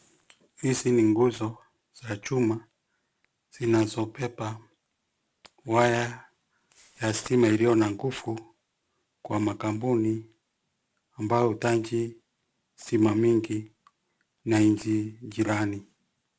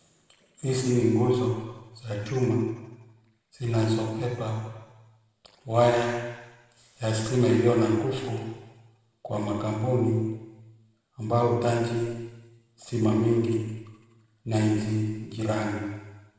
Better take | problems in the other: first | room echo; dies away in 1.2 s

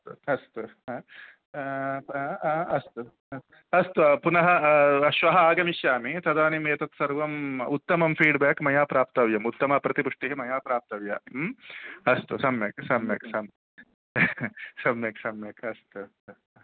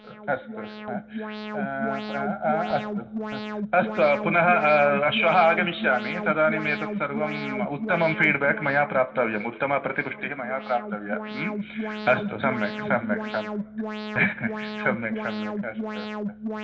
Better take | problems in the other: first | background sound (Alarm); 7 dB below the speech // room echo; dies away in 1.3 s

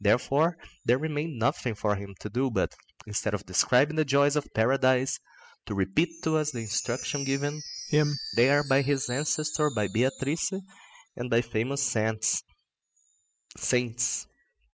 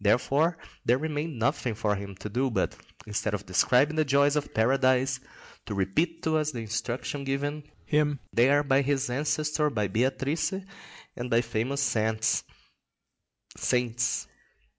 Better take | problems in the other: second | noise reduction (classical method spectral subtraction)

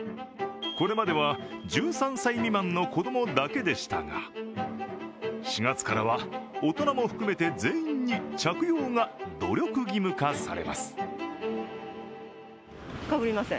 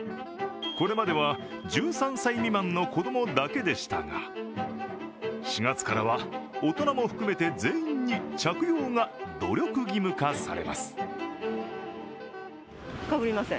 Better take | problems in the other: first | background sound (Wind instrument, woodwind instrument); 15 dB below the speech

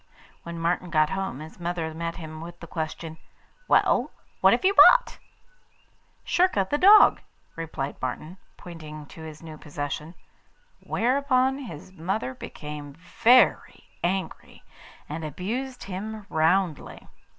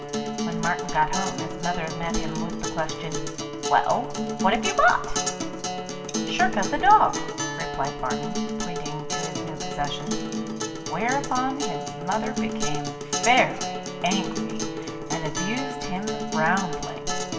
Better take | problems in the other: first | background sound (Acoustic guitar); 3 dB below the speech // room echo; dies away in 1.5 s

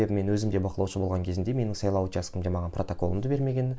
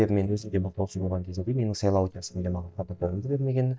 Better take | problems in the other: first | noise reduction (neural mask model DeepFilterNet 3)

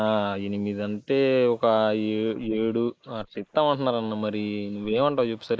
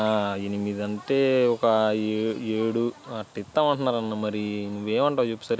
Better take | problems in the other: second | noise reduction (neural mask model Resemble Enhance denoiser)

